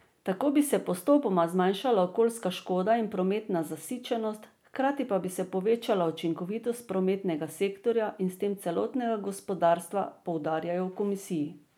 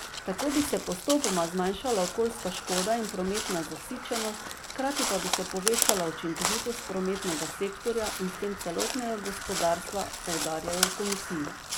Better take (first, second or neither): first